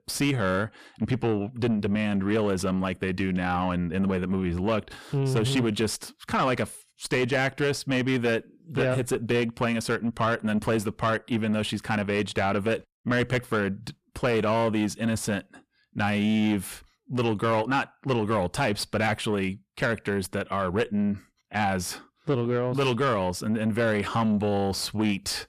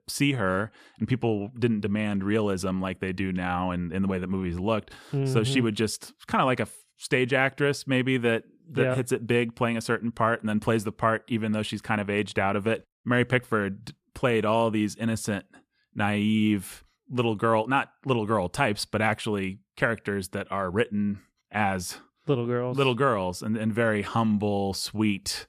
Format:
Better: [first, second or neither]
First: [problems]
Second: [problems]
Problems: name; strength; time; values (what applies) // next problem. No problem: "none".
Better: second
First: distortion; slight; 10 dB below the speech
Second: none